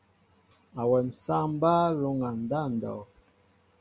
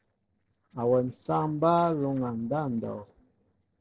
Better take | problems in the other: first | noise reduction (neural separator model SepFormer DNS4)

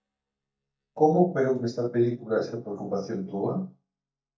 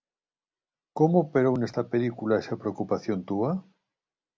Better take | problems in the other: second | noise reduction (neural mask model DeepFilterNet 3)

